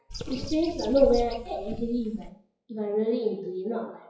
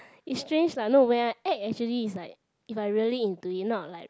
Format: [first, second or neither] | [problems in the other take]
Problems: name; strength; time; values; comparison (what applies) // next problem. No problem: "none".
second | noise reduction (classical method WPE with log-MMSE)